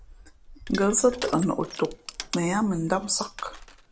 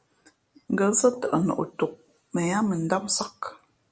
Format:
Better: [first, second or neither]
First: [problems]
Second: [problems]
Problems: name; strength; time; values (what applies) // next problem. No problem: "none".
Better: second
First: background sound (Crushing); 14 dB below the speech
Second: none